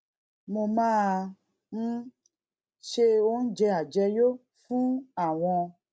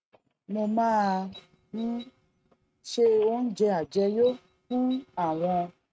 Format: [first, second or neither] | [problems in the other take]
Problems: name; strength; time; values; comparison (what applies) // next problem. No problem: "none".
first | noise reduction (neural mask model RNNoise)